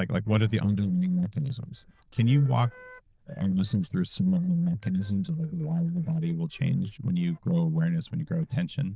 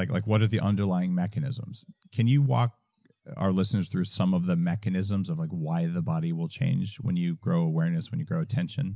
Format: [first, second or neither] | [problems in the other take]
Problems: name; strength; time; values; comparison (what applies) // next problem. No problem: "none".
second | noise reduction (neural diffusion model UNIVERSE++)